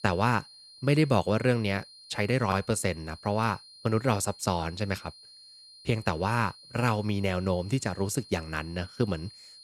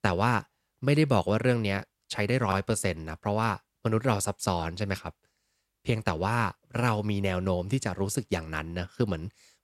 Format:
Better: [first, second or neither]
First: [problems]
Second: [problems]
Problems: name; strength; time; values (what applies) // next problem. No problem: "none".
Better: second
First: high-pitched whine; noticeable; throughout; 4 kHz, 20 dB below the speech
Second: none